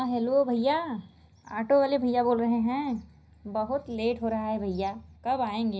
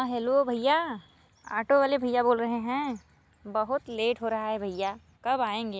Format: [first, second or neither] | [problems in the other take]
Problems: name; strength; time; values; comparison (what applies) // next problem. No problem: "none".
second | room echo; dies away in 0.5 s